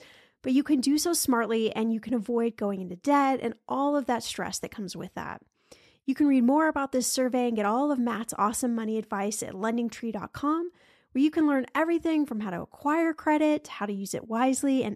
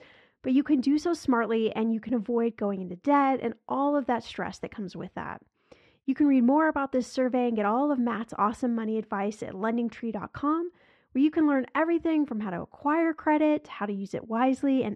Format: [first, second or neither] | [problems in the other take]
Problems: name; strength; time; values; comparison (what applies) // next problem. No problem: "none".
first | muffled; slightly; fading above 2.5 kHz